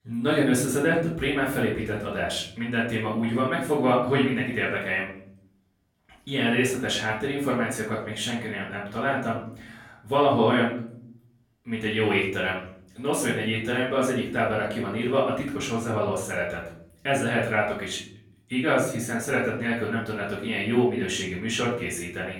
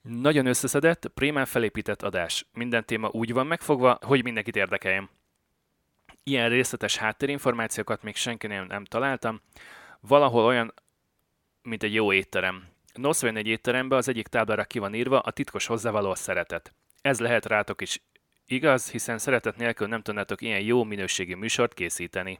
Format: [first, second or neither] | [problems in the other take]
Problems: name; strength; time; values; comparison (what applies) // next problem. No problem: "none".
second | off-mic speech; far // room echo; noticeable; dies away in 0.8 s